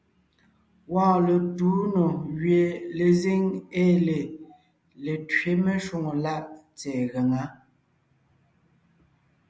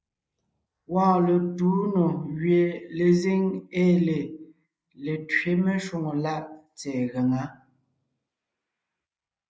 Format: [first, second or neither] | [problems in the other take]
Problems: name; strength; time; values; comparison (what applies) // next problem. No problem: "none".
first | noise reduction (neural mask model Resemble Enhance denoiser)